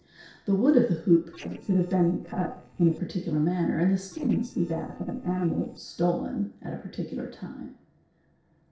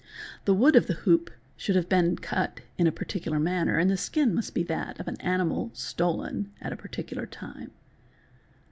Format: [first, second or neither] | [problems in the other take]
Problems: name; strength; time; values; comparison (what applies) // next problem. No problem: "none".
second | noise reduction (neural separator model SepFormer DNS4)